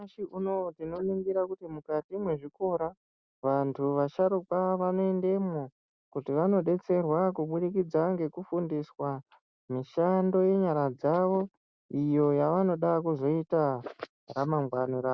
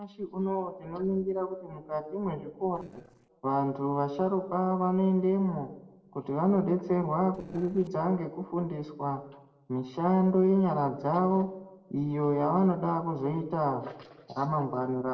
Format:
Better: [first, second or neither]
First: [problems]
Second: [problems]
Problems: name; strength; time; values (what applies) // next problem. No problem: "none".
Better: first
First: none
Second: noise reduction (neural separator model SepFormer DNS4)